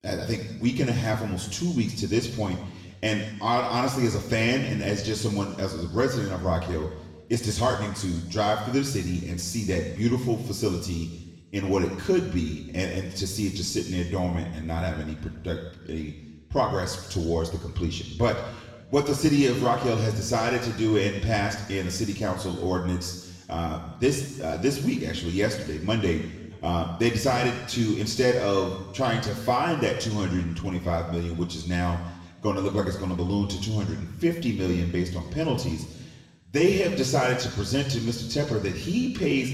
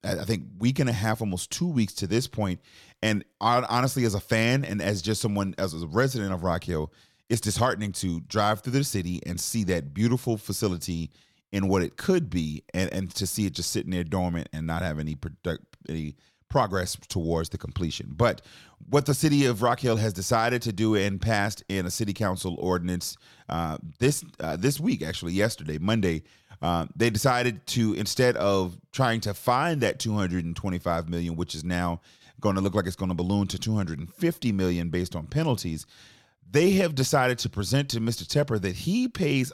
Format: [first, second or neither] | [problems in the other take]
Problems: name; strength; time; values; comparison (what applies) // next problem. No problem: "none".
second | room echo; noticeable; dies away in 1.1 s // off-mic speech; far